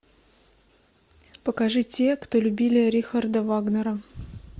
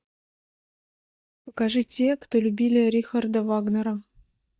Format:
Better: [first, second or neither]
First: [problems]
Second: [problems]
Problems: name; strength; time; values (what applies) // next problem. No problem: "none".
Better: first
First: none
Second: noise reduction (neural mask model DeepFilterNet 3)